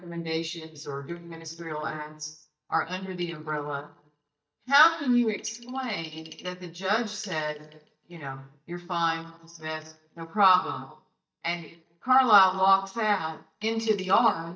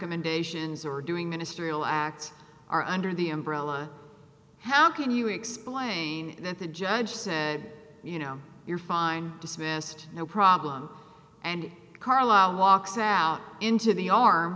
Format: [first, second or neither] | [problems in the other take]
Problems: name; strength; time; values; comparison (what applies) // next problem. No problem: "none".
second | noise reduction (neural mask model DeepFilterNet 3)